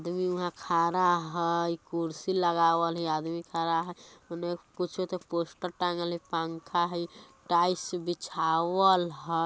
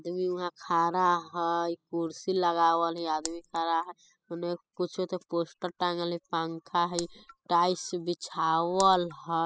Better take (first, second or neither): first